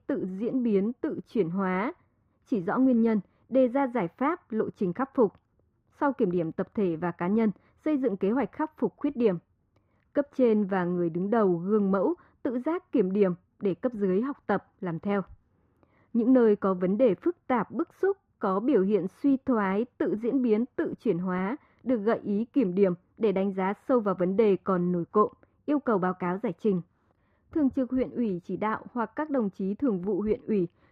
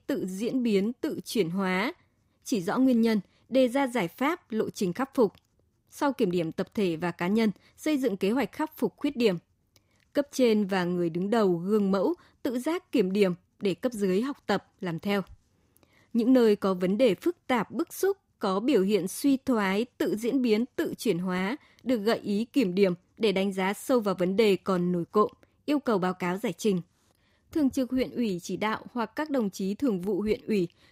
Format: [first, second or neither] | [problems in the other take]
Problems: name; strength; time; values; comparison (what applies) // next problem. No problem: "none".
second | muffled; very; fading above 3 kHz